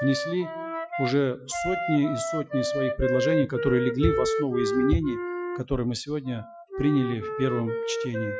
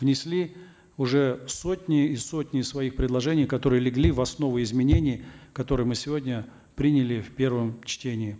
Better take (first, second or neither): second